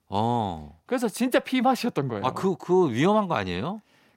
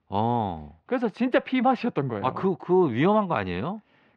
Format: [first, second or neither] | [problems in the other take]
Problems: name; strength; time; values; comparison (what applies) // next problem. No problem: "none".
first | muffled; slightly; fading above 3 kHz